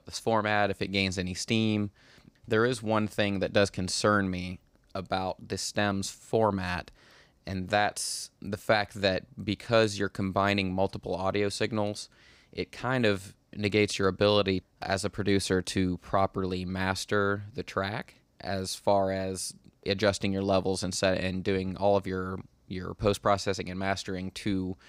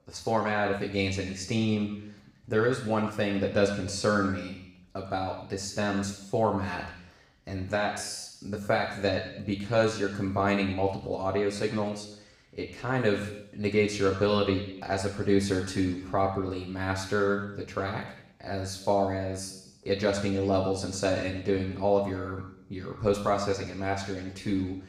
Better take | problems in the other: first | room echo; noticeable; dies away in 0.8 s // off-mic speech; somewhat distant

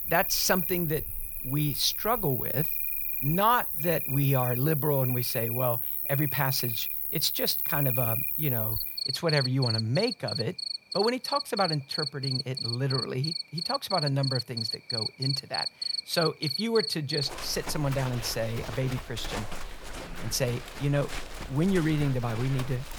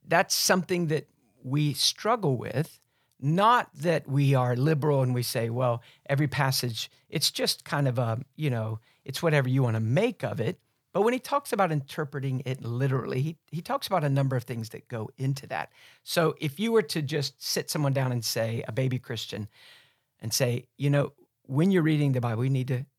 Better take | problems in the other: second | animal sounds; loud; throughout; 1 dB below the speech

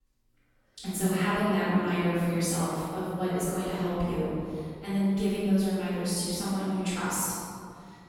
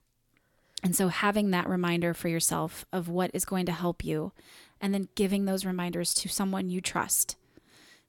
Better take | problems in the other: second | room echo; strong; dies away in 2.2 s // off-mic speech; far

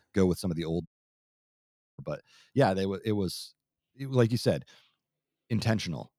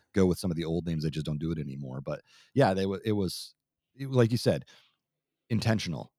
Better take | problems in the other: second | audio cutting out; at 1 s for 1 s

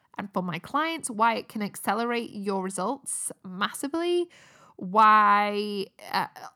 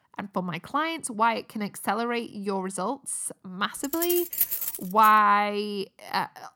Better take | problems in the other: first | jangling keys; loud; from 4 to 5 s; peak 2 dB above the speech

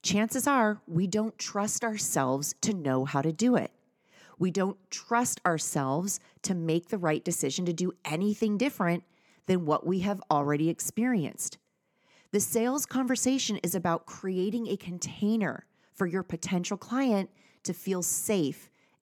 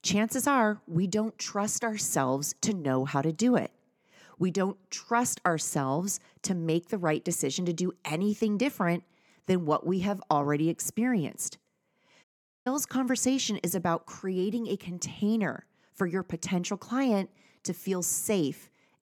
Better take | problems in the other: first | audio cutting out; at 12 s

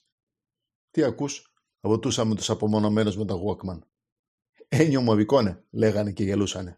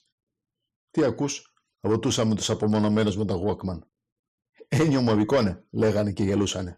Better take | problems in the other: first | distortion; slight; 10 dB below the speech

